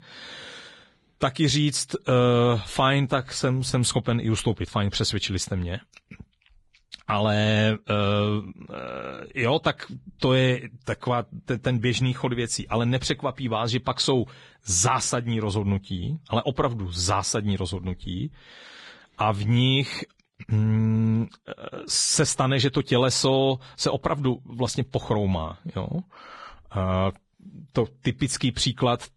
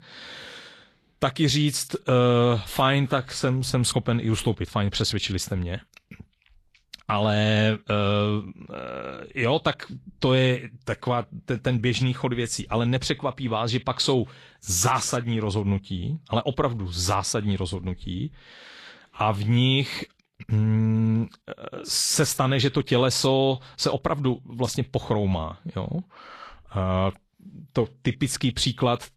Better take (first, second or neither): second